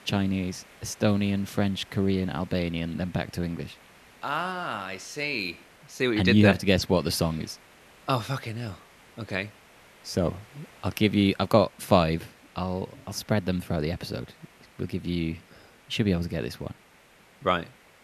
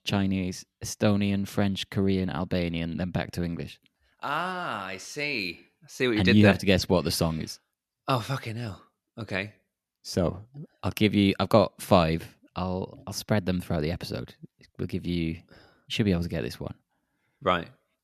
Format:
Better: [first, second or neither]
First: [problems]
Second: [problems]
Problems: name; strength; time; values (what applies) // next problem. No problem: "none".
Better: second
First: hiss; faint; throughout; 25 dB below the speech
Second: none